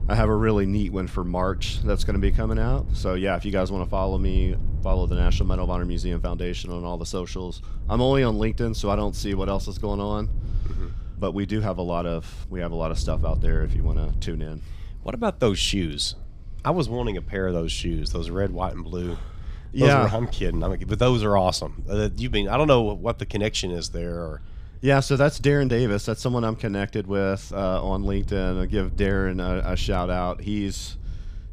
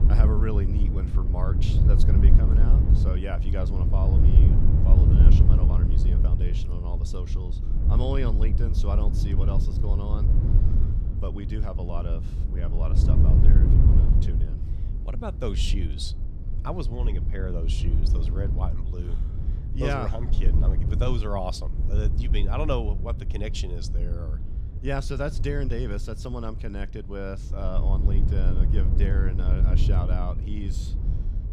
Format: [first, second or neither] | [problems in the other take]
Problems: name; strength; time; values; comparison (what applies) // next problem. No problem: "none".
first | wind noise on the microphone; heavy; 4 dB below the speech; occasional gusts in the first